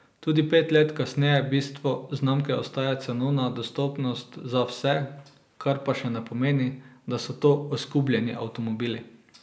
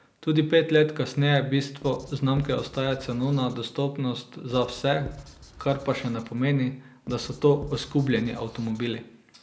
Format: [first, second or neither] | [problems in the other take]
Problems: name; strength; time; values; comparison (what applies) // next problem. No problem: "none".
first | background sound (Writing); 20 dB below the speech